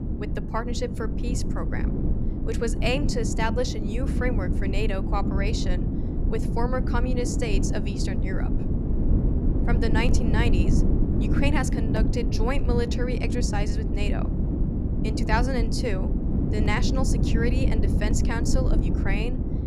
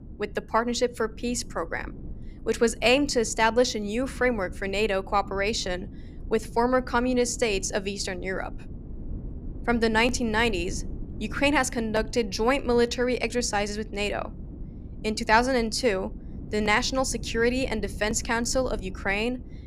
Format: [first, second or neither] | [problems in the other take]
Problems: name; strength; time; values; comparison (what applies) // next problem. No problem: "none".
second | low rumble; loud; throughout; 4 dB below the speech; faint in the second